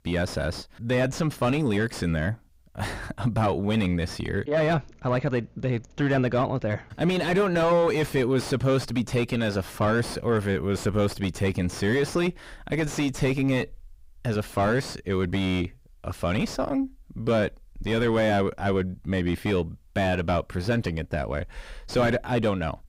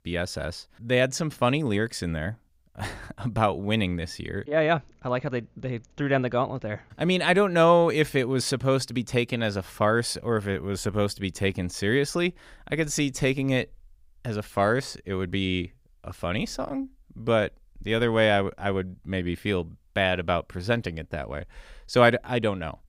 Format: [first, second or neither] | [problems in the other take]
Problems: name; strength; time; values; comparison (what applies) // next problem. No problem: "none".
second | distortion; heavy; 5 dB below the speech